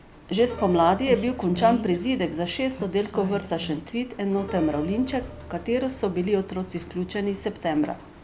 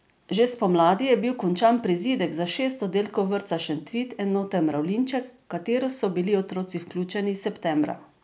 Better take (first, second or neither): second